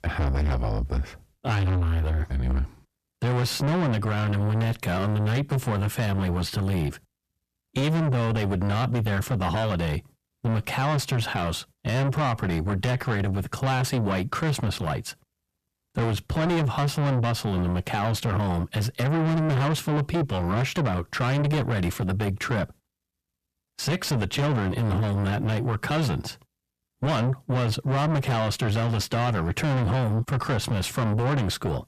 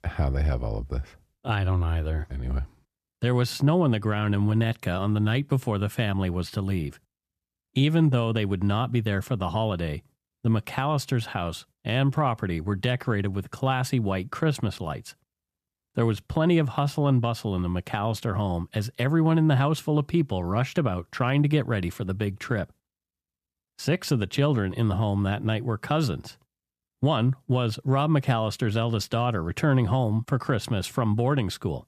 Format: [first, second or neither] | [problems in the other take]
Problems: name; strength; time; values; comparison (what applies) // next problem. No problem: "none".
second | distortion; heavy; 5 dB below the speech